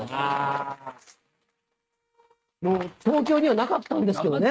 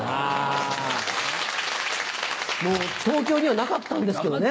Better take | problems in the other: second | noise reduction (neural mask model RNNoise)

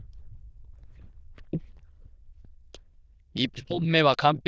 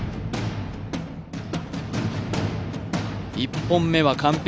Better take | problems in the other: second | noise reduction (neural diffusion model UNIVERSE++)

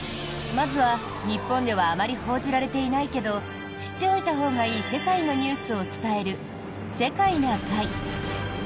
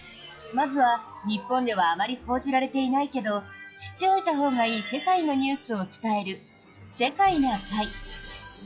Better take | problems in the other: first | noise reduction (classical method log-MMSE)

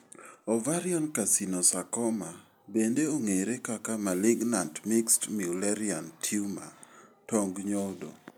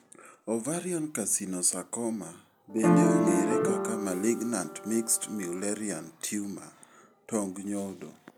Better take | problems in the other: first | background sound (Piano); 4 dB above the speech

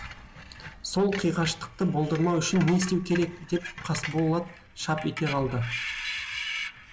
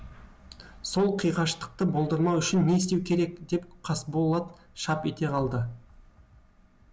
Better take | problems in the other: second | background sound (Screech); 10 dB below the speech

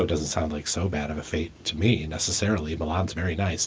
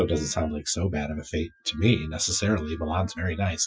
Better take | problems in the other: first | noise reduction (classical method Wiener filter)

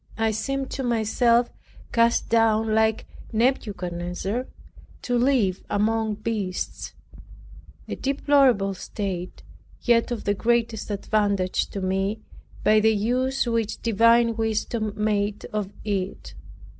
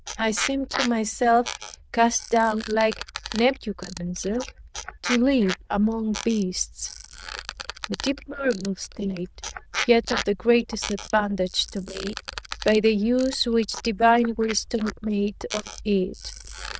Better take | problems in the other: first | noise reduction (neural diffusion model UNIVERSE++)

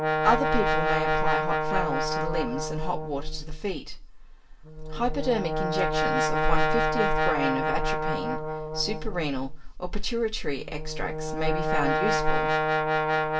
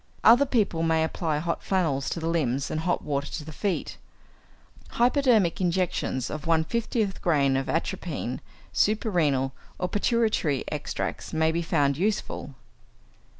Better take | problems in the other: second | background sound (Brass instrument); as loud as the speech // room echo; dies away in 0.2 s

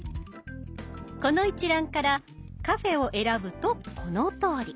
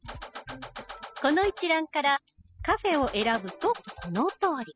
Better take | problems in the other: first | noise reduction (classical method spectral subtraction)

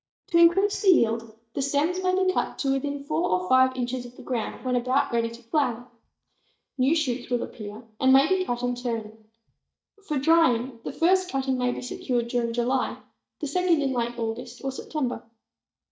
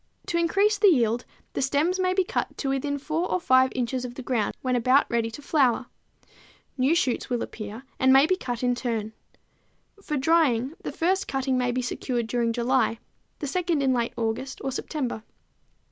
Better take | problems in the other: second | noise reduction (neural mask model DeepFilterNet 3)

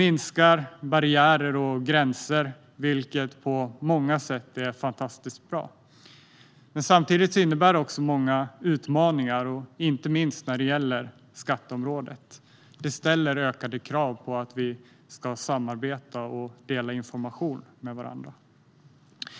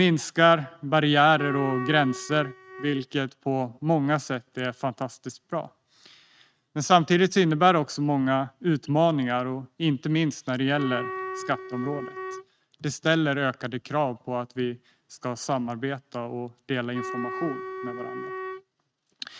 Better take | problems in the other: first | noise reduction (neural mask model RNNoise)

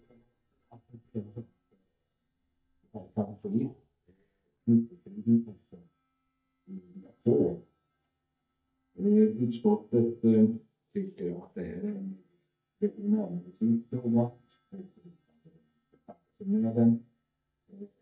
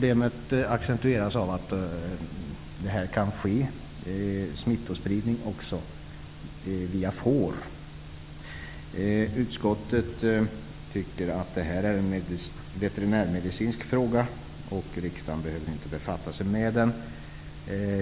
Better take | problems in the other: second | noise reduction (neural mask model DeepFilterNet 3)

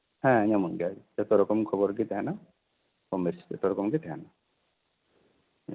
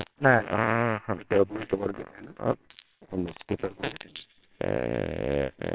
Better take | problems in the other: first | noise reduction (neural separator model SepFormer WHAMR!)

